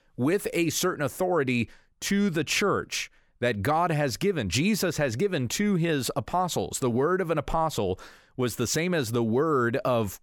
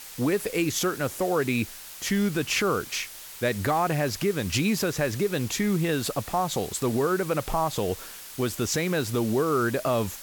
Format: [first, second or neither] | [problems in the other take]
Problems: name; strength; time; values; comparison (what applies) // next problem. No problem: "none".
first | hiss; noticeable; throughout; 15 dB below the speech